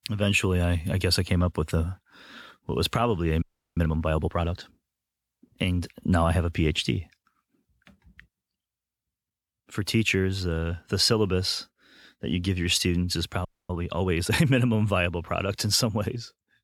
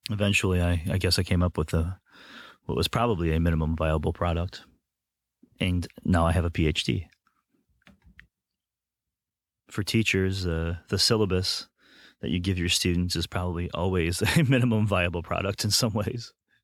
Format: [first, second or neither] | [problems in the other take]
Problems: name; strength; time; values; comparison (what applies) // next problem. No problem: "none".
second | audio freezing; at 3.5 s and at 13 s